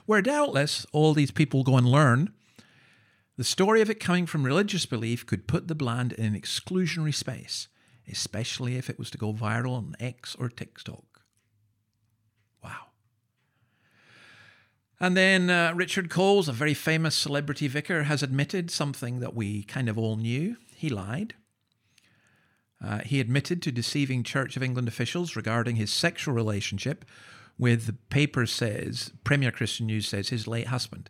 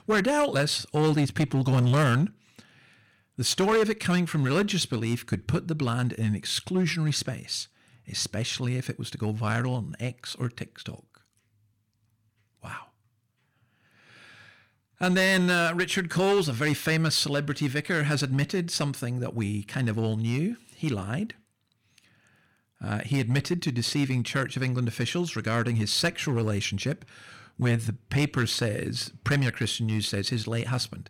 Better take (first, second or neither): first